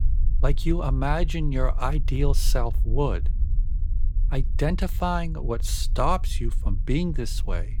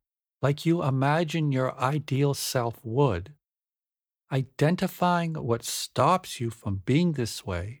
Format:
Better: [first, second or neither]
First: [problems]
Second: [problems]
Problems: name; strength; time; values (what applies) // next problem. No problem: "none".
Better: second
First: low rumble; faint; throughout; 20 dB below the speech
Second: none